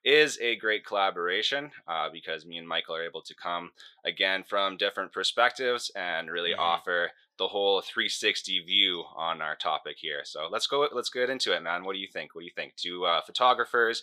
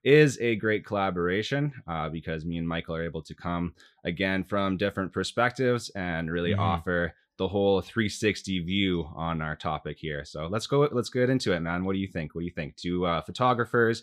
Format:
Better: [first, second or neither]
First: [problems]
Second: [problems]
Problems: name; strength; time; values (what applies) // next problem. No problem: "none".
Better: second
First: thin; very; fading below 650 Hz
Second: none